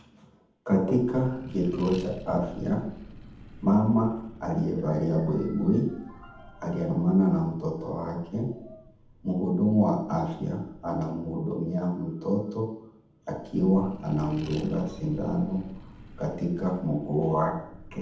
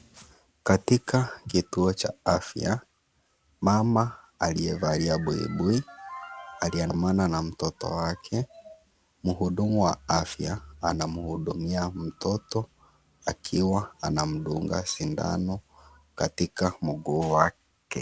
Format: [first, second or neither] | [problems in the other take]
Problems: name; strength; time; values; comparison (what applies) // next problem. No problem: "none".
second | background sound (Accelerating, revving, vroom); 19 dB below the speech // room echo; dies away in 0.8 s